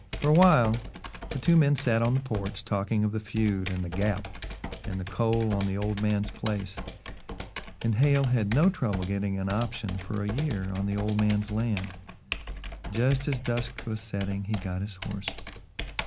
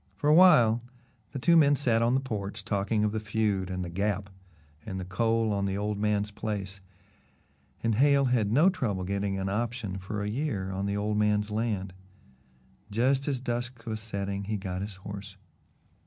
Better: second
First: background sound (Computer keyboard); 11 dB below the speech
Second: none

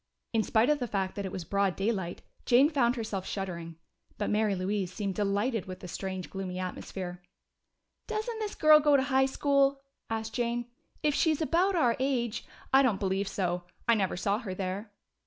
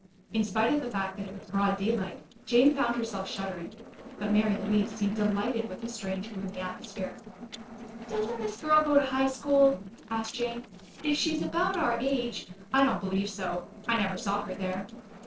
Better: first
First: none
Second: noise reduction (neural separator model SepFormer DNS4)

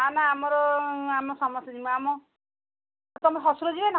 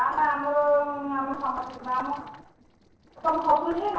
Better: first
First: none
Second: noise reduction (neural separator model SepFormer DNS4)

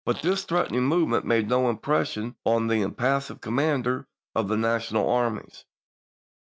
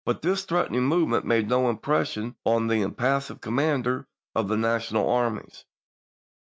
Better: second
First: background sound (Fart); 18 dB below the speech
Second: none

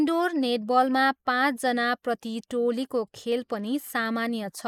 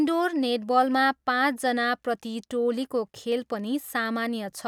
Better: second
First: noise reduction (neural mask model Resemble Enhance denoiser)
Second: none

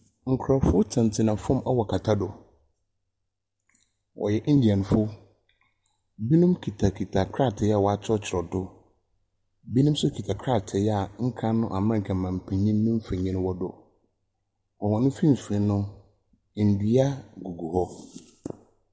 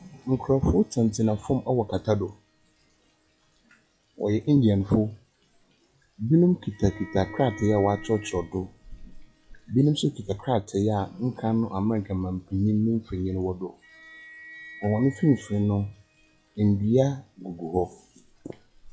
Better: first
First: none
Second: noise reduction (classical method log-MMSE)

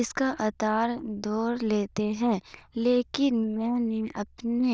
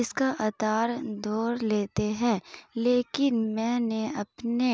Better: second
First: noise reduction (neural diffusion model UNIVERSE++)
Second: none

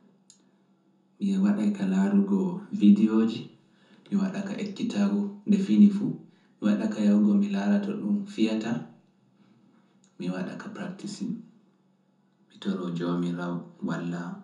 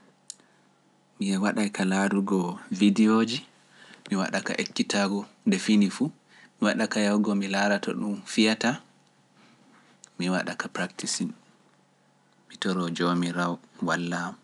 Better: second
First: room echo; dies away in 0.5 s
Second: none

